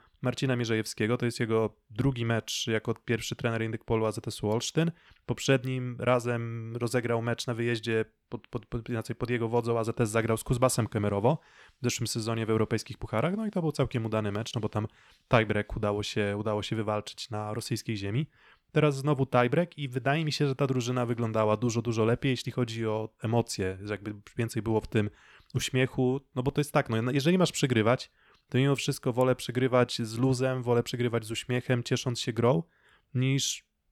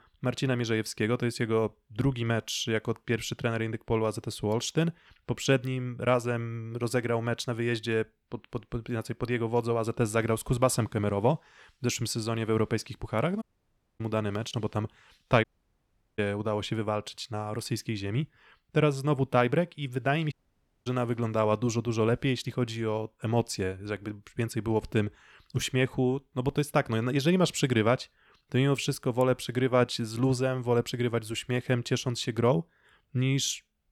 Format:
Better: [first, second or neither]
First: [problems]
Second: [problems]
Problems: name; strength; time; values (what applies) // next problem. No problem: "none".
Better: first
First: none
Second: audio cutting out; at 13 s for 0.5 s, at 15 s for 0.5 s and at 20 s for 0.5 s